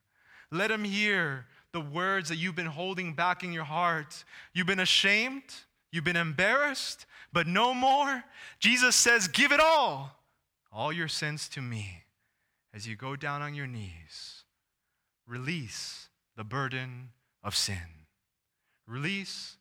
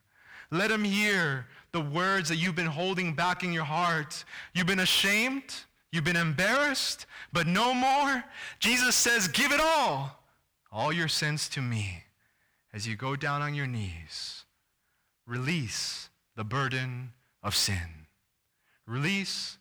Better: first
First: none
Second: distortion; heavy; 6 dB below the speech

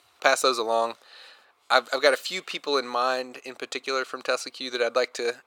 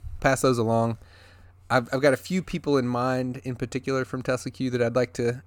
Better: second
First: thin; very; fading below 450 Hz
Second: none

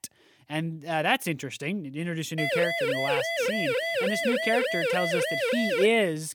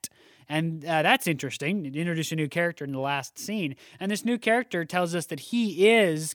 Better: second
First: siren; loud; from 2.5 s on; peak 3 dB above the speech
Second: none

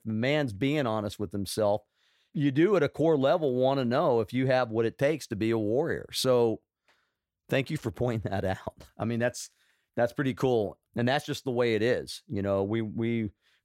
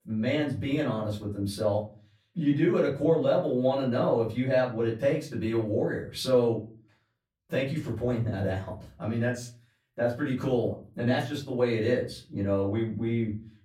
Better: first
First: none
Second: room echo; slight; dies away in 0.4 s // off-mic speech; far

